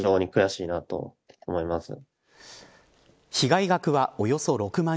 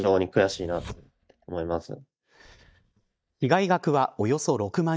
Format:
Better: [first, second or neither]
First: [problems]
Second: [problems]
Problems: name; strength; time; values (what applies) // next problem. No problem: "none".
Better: first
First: none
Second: noise reduction (neural mask model DeepFilterNet 3)